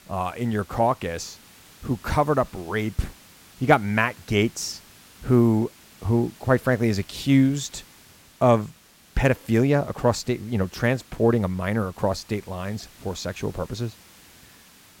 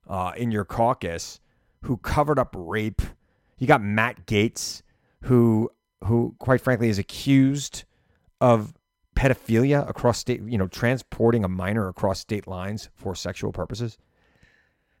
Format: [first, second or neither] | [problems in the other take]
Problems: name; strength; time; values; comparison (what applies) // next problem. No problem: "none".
second | hiss; faint; throughout; 25 dB below the speech